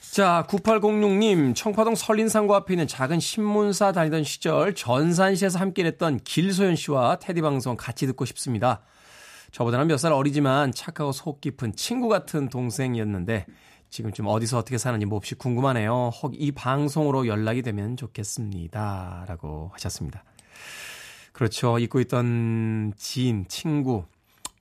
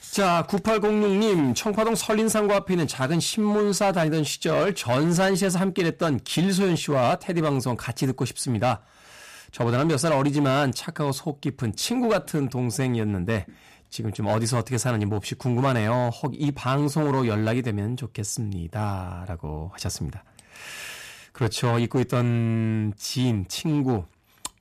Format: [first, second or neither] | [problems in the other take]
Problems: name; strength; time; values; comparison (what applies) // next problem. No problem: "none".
first | distortion; slight; 9% of the sound clipped